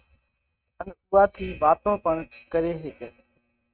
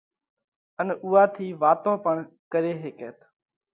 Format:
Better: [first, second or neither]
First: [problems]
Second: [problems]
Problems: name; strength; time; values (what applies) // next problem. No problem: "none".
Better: second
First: noise reduction (neural mask model RNNoise)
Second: none